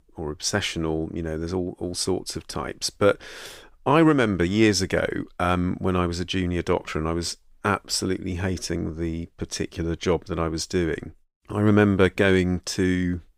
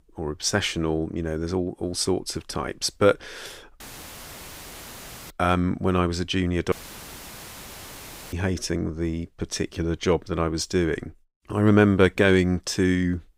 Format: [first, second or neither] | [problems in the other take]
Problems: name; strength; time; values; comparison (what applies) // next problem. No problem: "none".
first | audio cutting out; filled with static; at 4 s for 1.5 s and at 6.5 s for 1.5 s